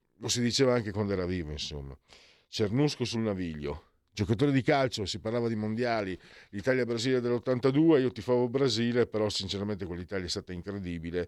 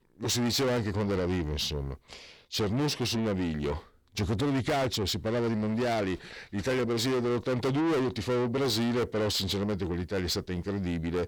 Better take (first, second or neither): first